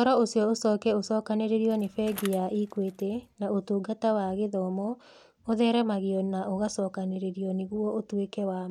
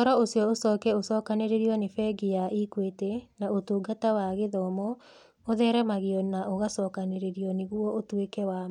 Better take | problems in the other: second | background sound (Bicycle); 20 dB below the speech

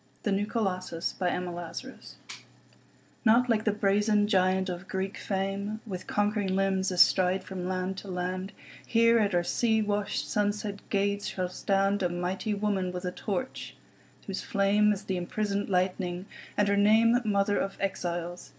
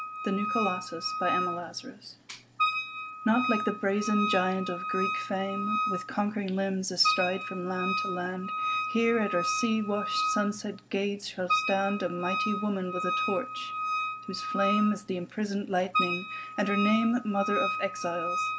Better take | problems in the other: first | background sound (Wind instrument, woodwind instrument); 2 dB below the speech

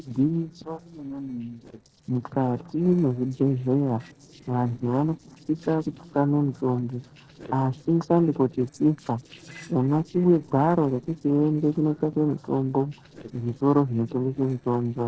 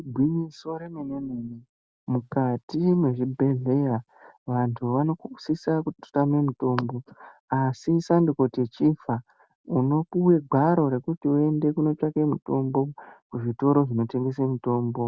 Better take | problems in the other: second | noise reduction (neural separator model SepFormer DNS4)

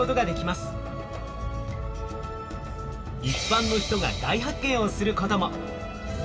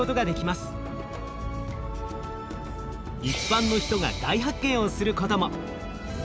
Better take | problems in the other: second | room echo; dies away in 3 s

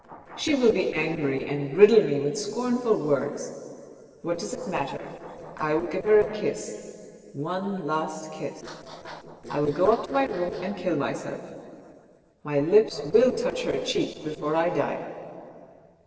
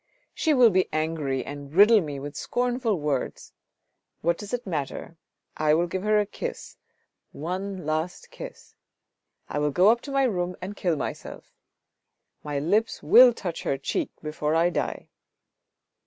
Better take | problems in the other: second | noise reduction (neural separator model SepFormer DNS4)

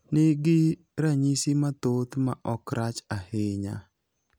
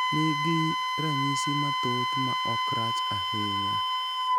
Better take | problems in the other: first | background sound (Wind instrument, woodwind instrument); 5 dB above the speech

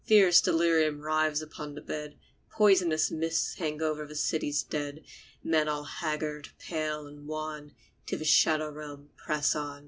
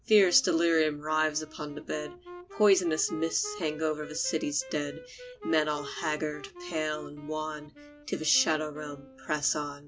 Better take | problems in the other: first | background sound (Wind instrument, woodwind instrument); 16 dB below the speech

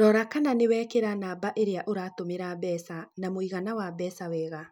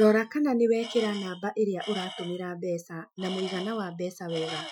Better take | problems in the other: first | noise reduction (classical method Wiener filter)

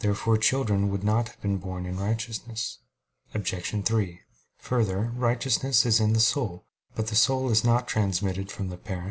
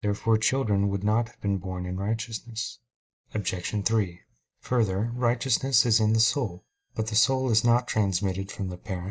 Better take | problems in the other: first | noise reduction (neural mask model DeepFilterNet 3)

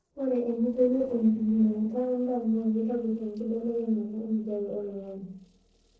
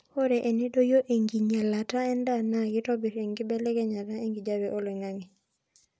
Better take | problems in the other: second | noise reduction (neural separator model SepFormer DNS4)

